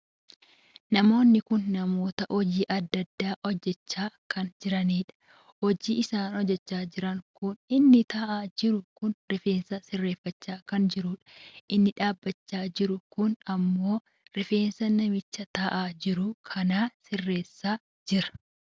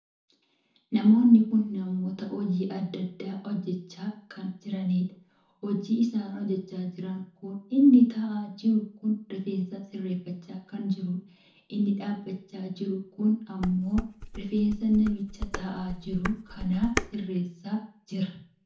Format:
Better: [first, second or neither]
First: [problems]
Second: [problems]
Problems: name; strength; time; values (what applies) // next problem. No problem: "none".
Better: first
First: none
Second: background sound (Dishes, pots, and pans); 9 dB below the speech // room echo; dies away in 0.6 s